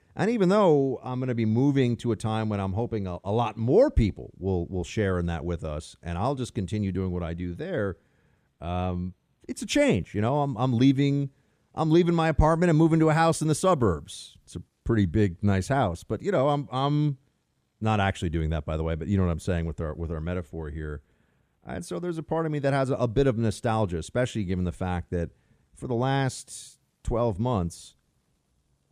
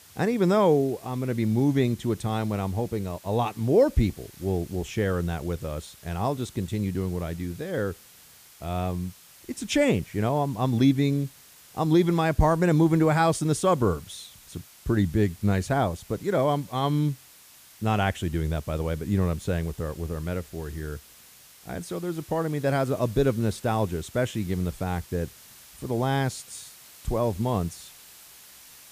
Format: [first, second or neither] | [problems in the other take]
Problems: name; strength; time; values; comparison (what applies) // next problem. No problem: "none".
first | hiss; faint; throughout; 20 dB below the speech